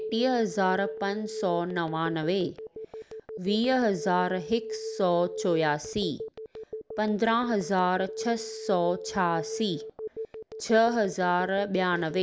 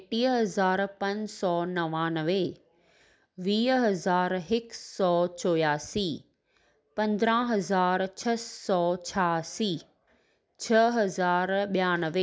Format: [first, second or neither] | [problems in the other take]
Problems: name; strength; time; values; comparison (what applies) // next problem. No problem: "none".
second | background sound (Telephone); 10 dB below the speech